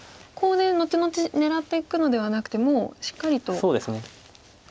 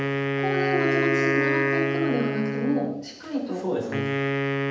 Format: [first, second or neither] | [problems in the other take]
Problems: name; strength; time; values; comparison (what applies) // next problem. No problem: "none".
first | background sound (Wind instrument, woodwind instrument); 3 dB above the speech // room echo; dies away in 0.9 s